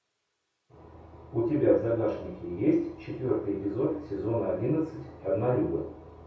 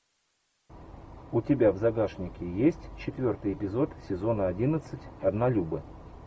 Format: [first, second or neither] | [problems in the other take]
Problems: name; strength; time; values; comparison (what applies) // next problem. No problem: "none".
second | room echo; dies away in 0.6 s